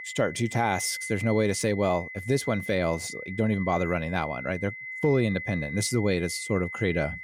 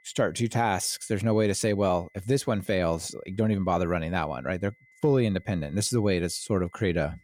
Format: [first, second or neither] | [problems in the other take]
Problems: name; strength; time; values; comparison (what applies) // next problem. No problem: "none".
second | high-pitched whine; loud; throughout; 2 kHz, 9 dB below the speech; faint in the second